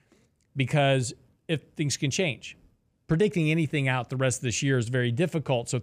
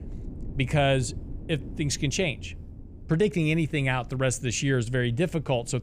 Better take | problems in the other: first | low rumble; faint; throughout; 25 dB below the speech

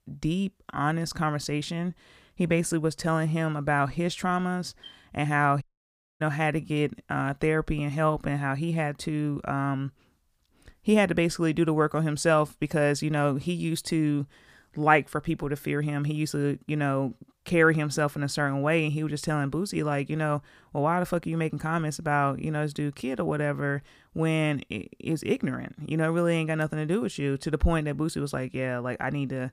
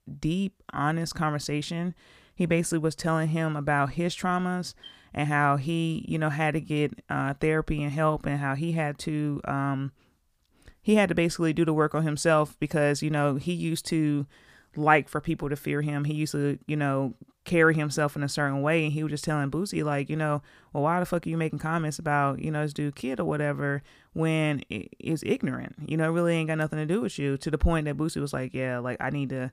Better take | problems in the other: second | audio cutting out; at 5.5 s for 0.5 s

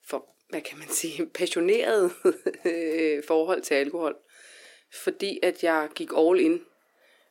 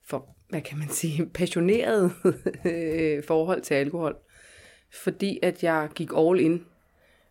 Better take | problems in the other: second | thin; somewhat; fading below 300 Hz

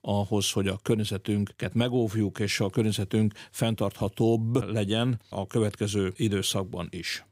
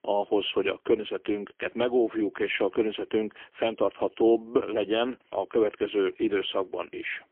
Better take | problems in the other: first | phone-call audio; poor line; nothing above 3.5 kHz

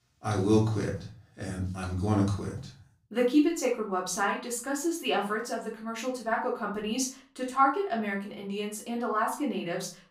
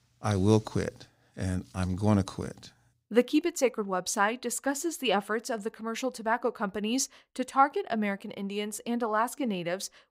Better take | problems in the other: second | room echo; slight; dies away in 0.4 s // off-mic speech; far

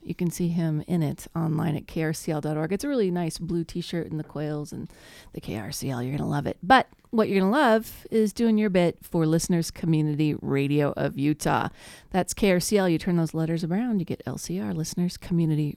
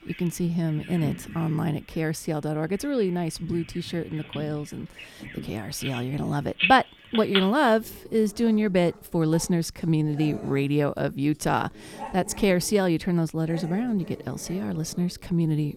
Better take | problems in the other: first | animal sounds; loud; throughout; 9 dB below the speech

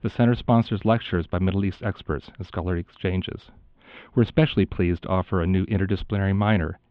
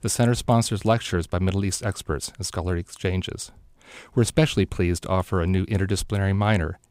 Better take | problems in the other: second | muffled; very; fading above 3.5 kHz

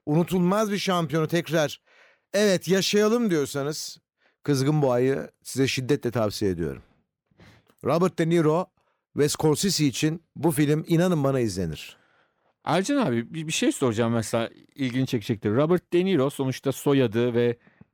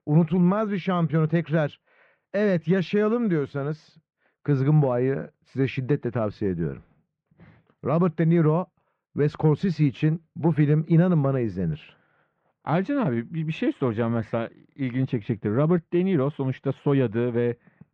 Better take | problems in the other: first | muffled; very; fading above 2.5 kHz

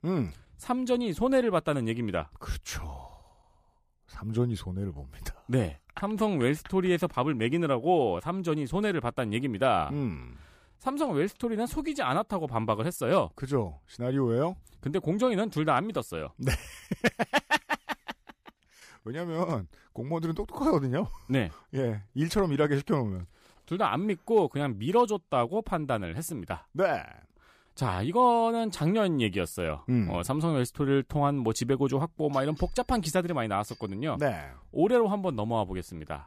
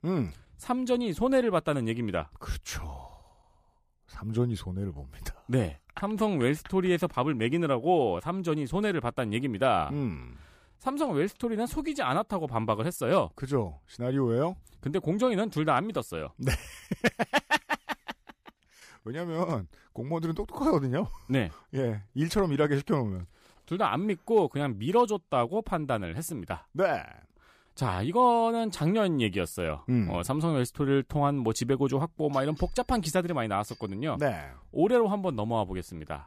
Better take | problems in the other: neither | none

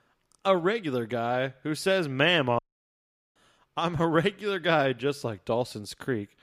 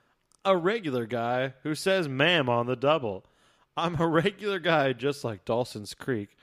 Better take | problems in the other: second | audio cutting out; at 2.5 s for 1 s

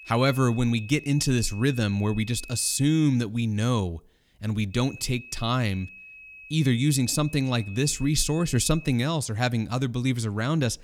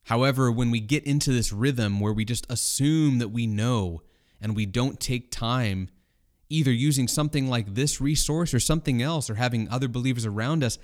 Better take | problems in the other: second | high-pitched whine; noticeable; until 3 s and from 4.5 to 9 s; 2.5 kHz, 20 dB below the speech

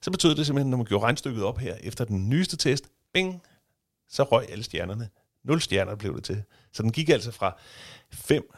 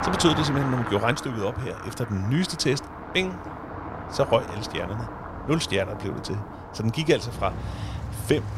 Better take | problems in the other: first | traffic noise; loud; throughout; 8 dB below the speech

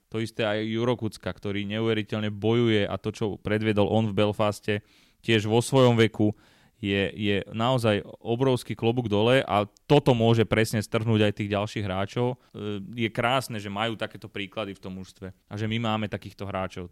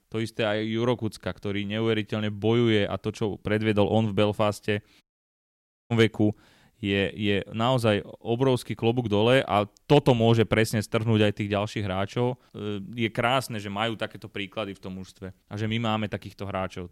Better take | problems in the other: first | audio cutting out; at 5 s for 1 s

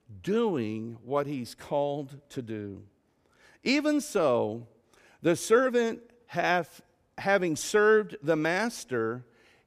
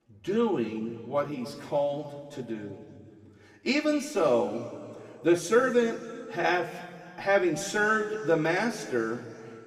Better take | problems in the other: first | room echo; slight; dies away in 2.3 s // off-mic speech; somewhat distant

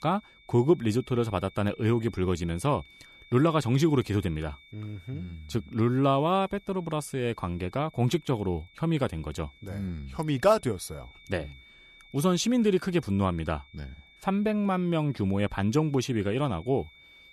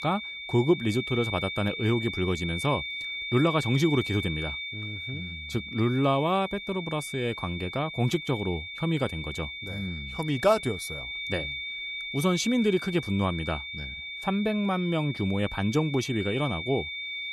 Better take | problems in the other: first | high-pitched whine; loud; throughout; 2.5 kHz, 6 dB below the speech; faint in the first

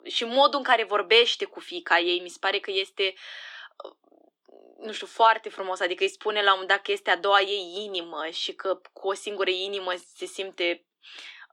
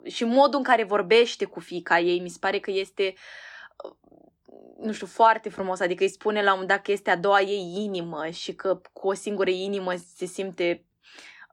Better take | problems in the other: second | thin; somewhat; fading below 300 Hz

